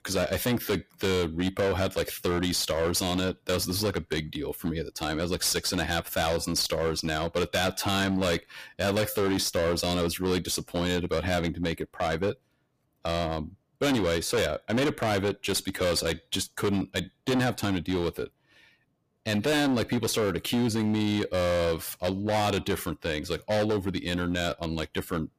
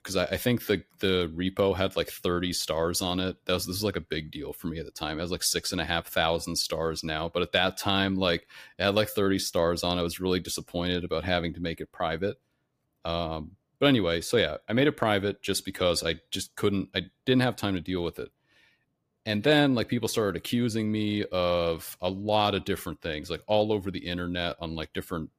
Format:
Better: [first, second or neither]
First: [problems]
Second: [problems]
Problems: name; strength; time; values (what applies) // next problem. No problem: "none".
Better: second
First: distortion; heavy; 16% of the sound clipped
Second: none